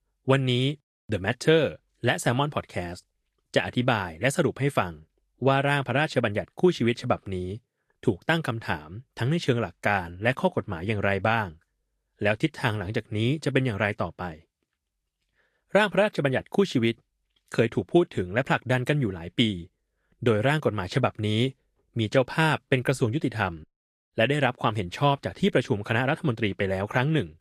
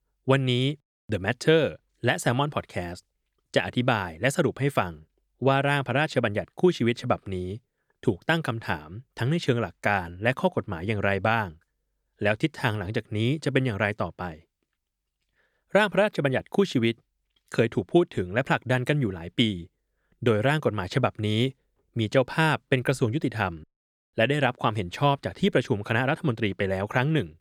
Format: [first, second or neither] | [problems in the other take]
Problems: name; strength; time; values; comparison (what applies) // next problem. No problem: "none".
second | garbled, watery; slightly; nothing above 13.5 kHz